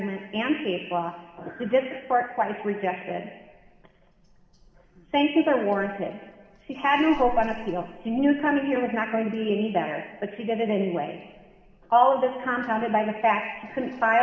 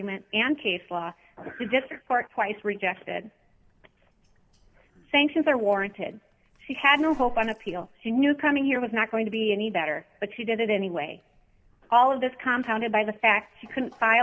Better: second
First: room echo; dies away in 1.6 s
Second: none

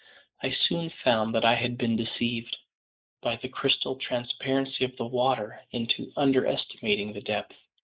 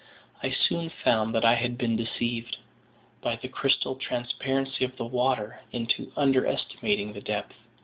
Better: second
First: noise reduction (neural mask model Resemble Enhance denoiser)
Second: none

